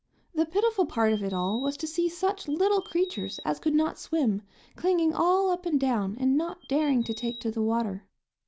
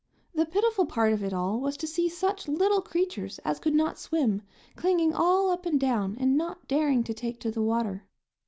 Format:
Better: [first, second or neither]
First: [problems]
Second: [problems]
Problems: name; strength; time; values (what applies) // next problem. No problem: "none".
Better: second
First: background sound (Bird vocalization, bird call, bird song); 17 dB below the speech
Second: none